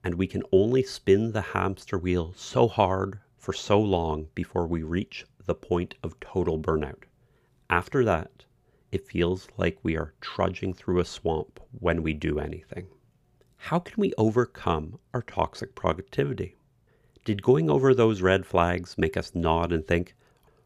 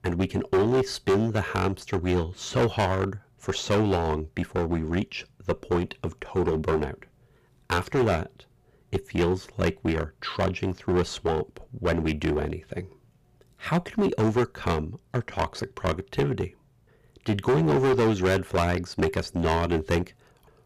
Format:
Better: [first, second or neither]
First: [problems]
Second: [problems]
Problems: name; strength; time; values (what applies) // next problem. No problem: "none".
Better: first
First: none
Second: distortion; heavy; 9% of the sound clipped